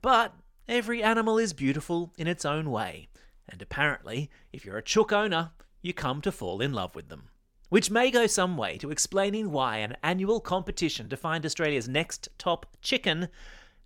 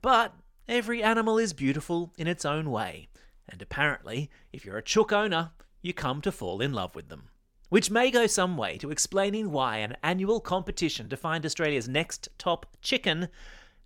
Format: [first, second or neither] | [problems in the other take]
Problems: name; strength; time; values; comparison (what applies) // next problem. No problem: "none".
neither | none